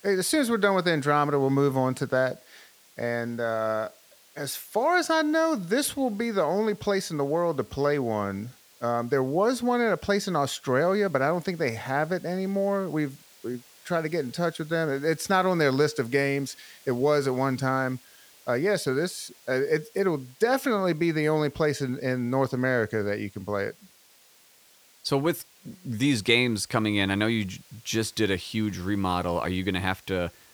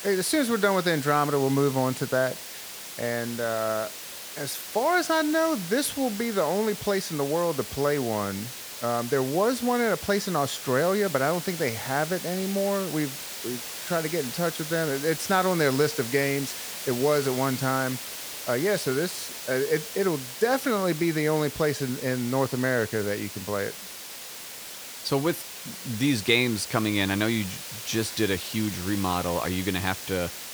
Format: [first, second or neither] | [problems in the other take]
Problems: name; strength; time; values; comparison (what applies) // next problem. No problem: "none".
first | hiss; loud; throughout; 8 dB below the speech; faint in the first